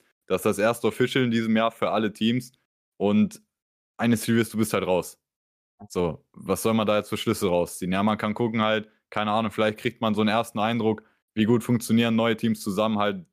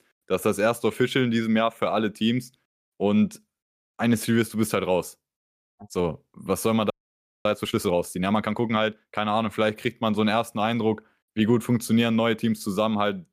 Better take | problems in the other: first | audio freezing; at 7 s for 0.5 s

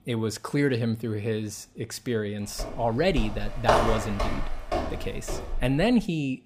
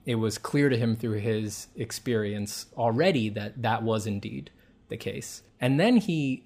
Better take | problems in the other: second | footsteps; loud; from 2.5 s on; peak 5 dB above the speech

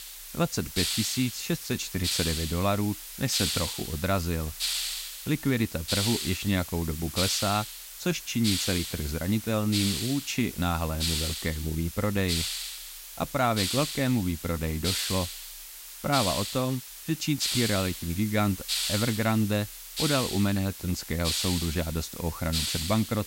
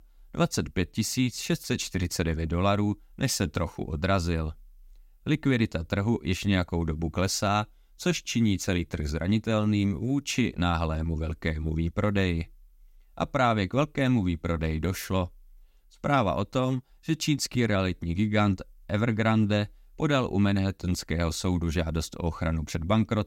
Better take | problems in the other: second | hiss; loud; throughout; 3 dB below the speech

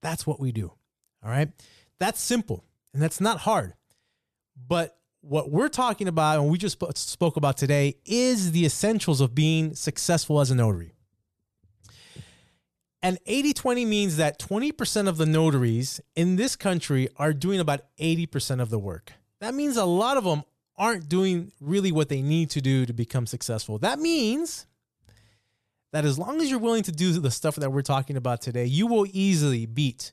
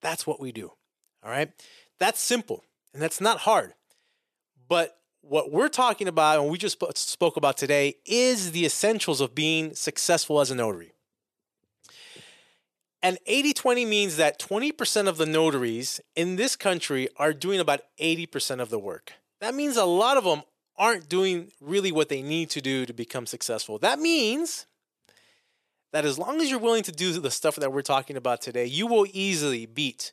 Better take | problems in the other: first | thin; somewhat; fading below 400 Hz

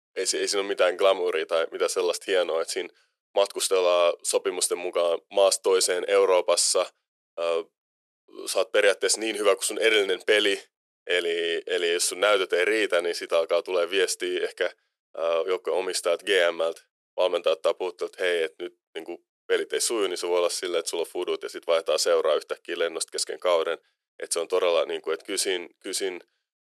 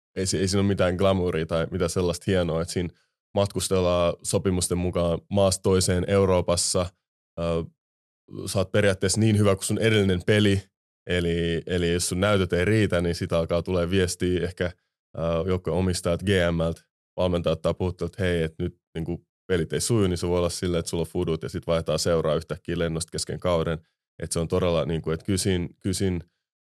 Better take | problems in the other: second | thin; very; fading below 400 Hz

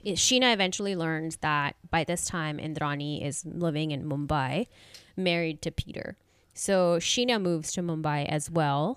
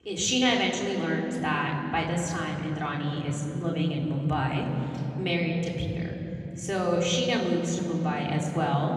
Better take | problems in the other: first | room echo; noticeable; dies away in 3 s // off-mic speech; far

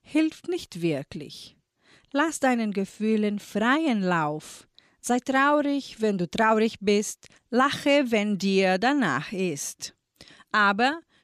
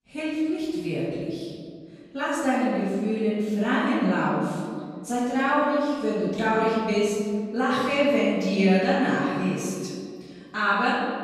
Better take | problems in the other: first | off-mic speech; far // room echo; strong; dies away in 2 s

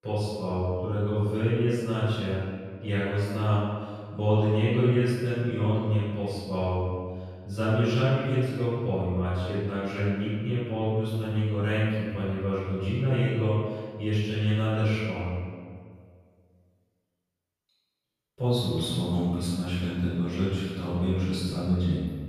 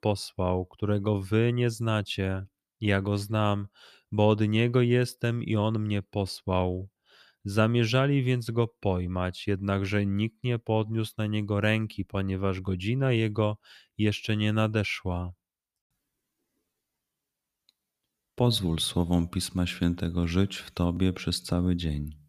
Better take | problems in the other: second | off-mic speech; far // room echo; strong; dies away in 1.7 s

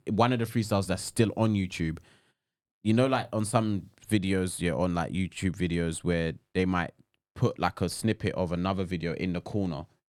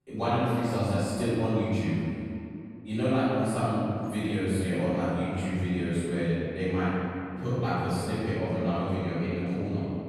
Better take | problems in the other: first | off-mic speech; far // room echo; strong; dies away in 2.5 s

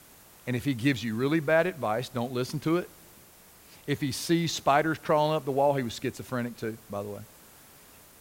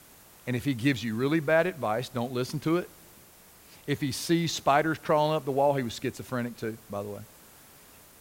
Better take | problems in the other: neither | hiss; faint; throughout; 25 dB below the speech; the same in both

